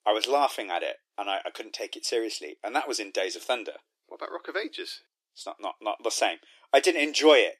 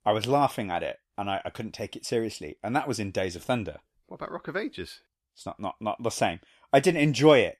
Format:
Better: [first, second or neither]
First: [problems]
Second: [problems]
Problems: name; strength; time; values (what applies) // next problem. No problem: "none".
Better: second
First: thin; somewhat; fading below 300 Hz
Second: none